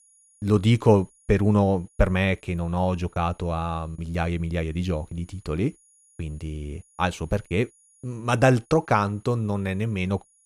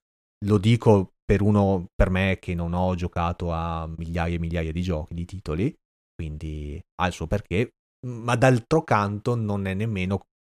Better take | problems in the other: second | high-pitched whine; faint; throughout; 10.5 kHz, 35 dB below the speech

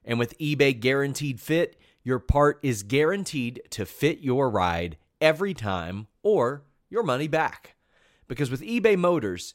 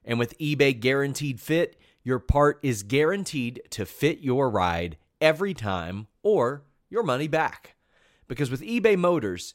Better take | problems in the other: neither | none

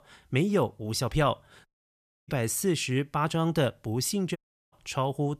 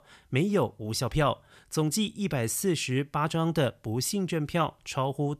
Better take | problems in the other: second | audio cutting out; at 1.5 s for 0.5 s and at 4.5 s

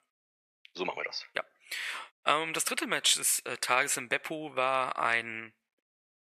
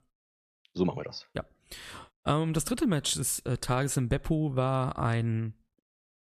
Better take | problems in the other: second | thin; very; fading below 650 Hz

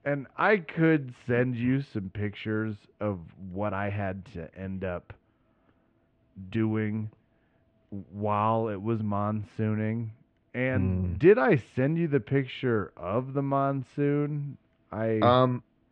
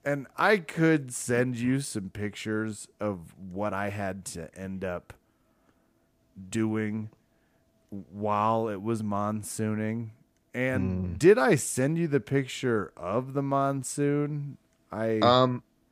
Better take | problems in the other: second | muffled; very; fading above 3 kHz

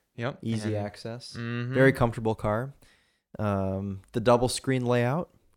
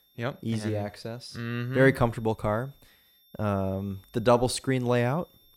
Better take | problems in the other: first | high-pitched whine; faint; throughout; 3.5 kHz, 30 dB below the speech

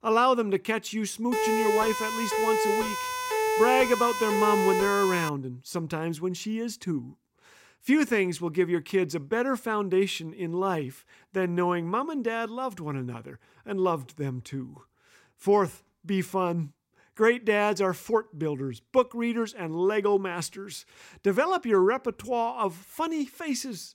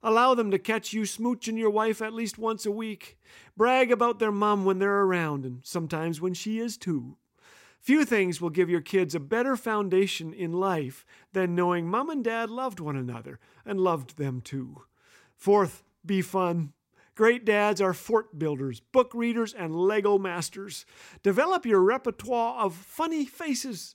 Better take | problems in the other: second | siren; loud; from 1.5 to 5.5 s; peak 2 dB above the speech

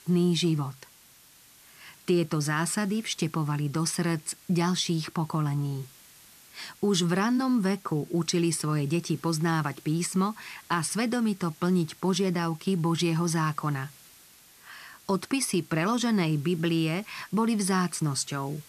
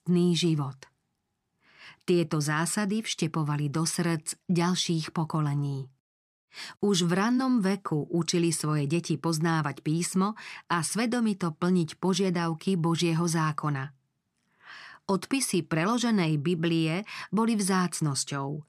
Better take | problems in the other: second | hiss; faint; throughout; 25 dB below the speech

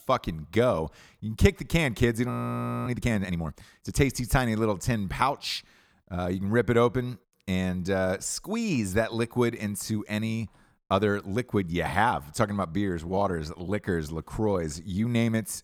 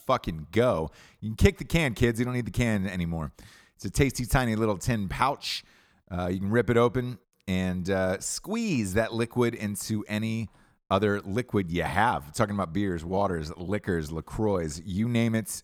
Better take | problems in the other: second | audio freezing; at 2.5 s for 0.5 s

